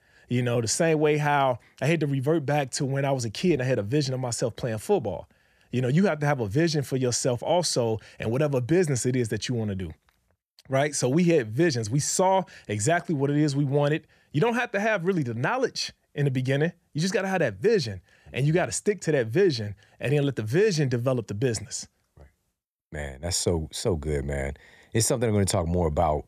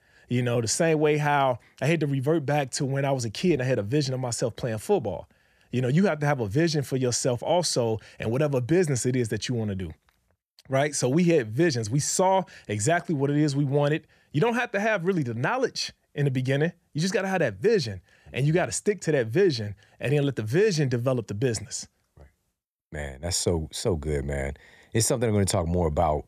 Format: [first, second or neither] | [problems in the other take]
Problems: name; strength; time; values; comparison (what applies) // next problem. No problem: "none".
neither | none